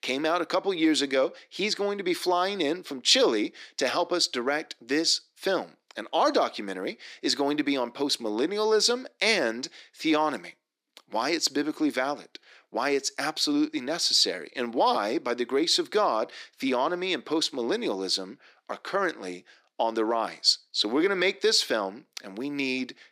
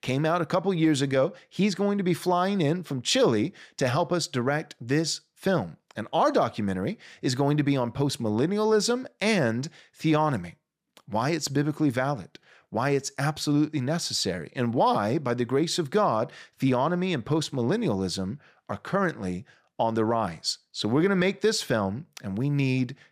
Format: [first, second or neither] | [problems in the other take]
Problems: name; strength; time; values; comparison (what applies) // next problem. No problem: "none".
second | thin; very slightly; fading below 300 Hz